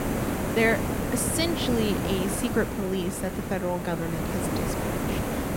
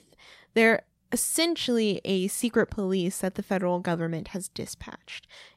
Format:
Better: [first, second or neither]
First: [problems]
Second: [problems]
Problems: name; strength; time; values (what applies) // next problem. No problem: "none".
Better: second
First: hiss; loud; throughout; 1 dB below the speech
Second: none